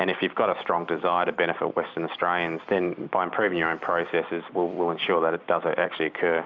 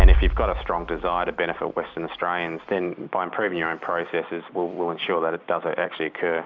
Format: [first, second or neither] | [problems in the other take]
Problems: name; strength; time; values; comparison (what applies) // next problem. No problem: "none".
first | background sound (Bass drum); 1 dB above the speech